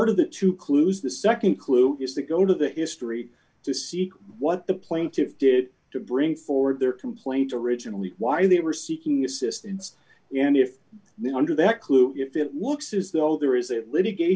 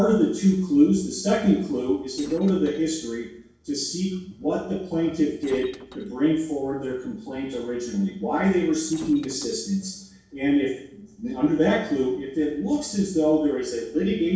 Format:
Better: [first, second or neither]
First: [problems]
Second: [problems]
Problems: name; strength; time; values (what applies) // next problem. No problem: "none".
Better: first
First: none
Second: noise reduction (neural separator model SepFormer DNS4)